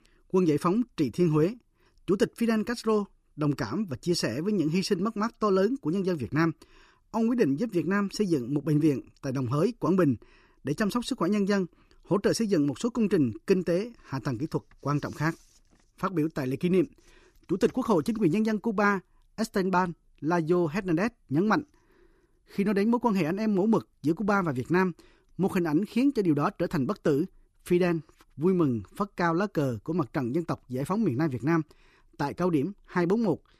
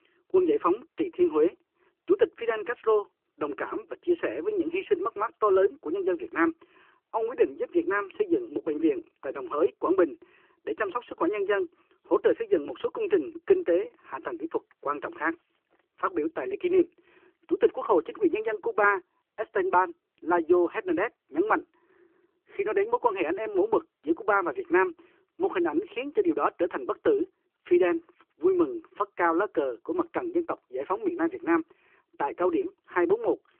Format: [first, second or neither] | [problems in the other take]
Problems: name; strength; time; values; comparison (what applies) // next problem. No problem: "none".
first | phone-call audio